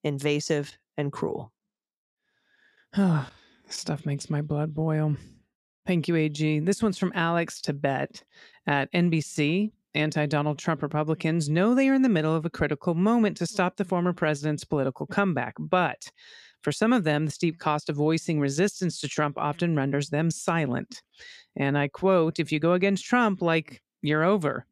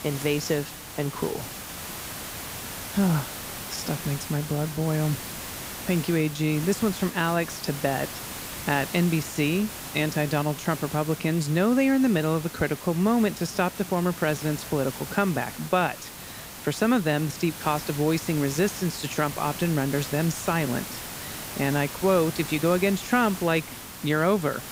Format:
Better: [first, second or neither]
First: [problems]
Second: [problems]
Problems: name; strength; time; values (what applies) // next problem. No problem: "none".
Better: first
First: none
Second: hiss; loud; throughout; 10 dB below the speech